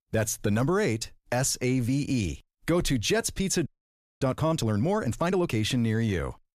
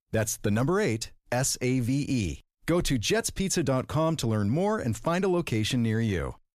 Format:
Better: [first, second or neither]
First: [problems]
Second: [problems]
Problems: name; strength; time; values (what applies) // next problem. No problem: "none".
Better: second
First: audio freezing; at 3.5 s for 0.5 s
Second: none